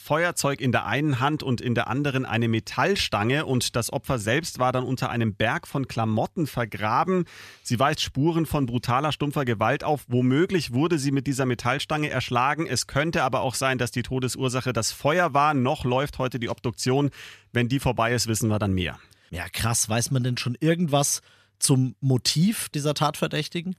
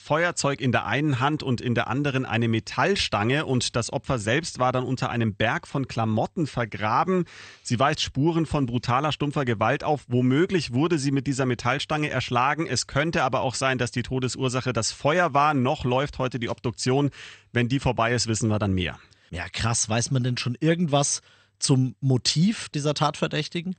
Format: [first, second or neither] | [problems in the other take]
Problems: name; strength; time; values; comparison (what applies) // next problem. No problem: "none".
first | garbled, watery; slightly; nothing above 8.5 kHz